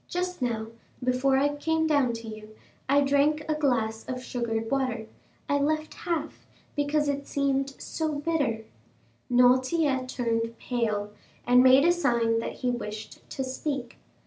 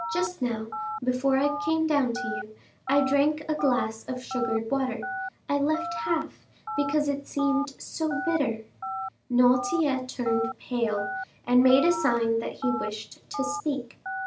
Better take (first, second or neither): first